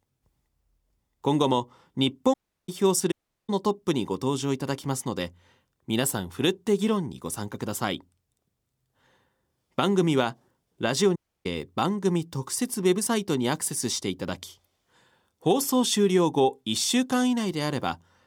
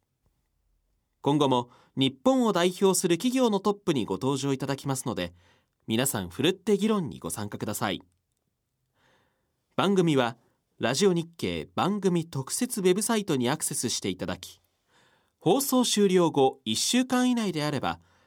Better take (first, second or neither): second